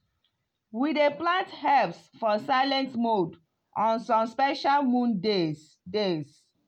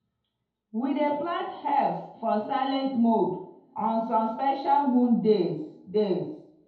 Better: first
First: none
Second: room echo; dies away in 2 s

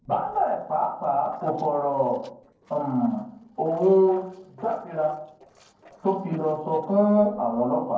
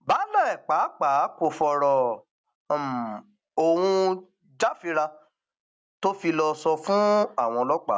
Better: second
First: noise reduction (neural separator model SepFormer DNS4)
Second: none

